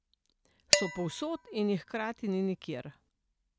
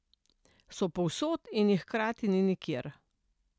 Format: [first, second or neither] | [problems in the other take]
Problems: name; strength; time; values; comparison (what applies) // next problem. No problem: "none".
second | background sound (Dishes, pots, and pans); as loud as the speech